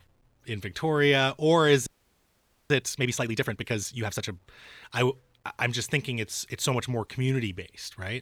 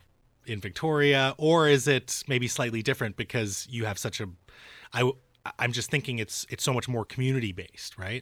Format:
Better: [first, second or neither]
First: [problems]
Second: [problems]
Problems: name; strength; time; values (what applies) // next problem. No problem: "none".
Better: second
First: audio freezing; at 2 s for 1 s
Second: none